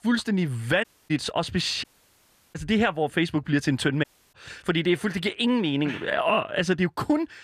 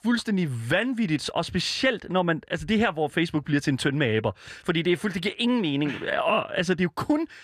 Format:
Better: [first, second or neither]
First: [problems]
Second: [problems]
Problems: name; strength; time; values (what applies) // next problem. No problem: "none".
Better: second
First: audio cutting out; at 1 s, at 2 s for 0.5 s and at 4 s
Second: none